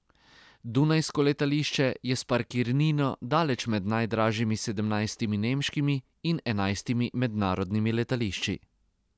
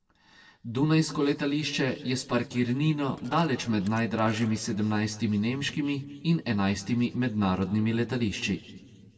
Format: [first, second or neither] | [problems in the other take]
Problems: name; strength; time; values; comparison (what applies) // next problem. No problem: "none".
first | noise reduction (neural separator model SepFormer DNS4)